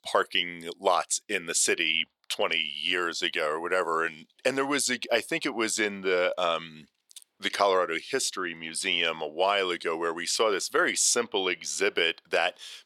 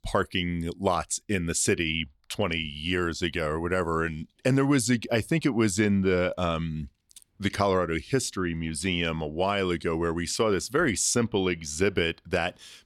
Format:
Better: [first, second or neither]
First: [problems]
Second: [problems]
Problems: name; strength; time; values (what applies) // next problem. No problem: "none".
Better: second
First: thin; somewhat; fading below 550 Hz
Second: none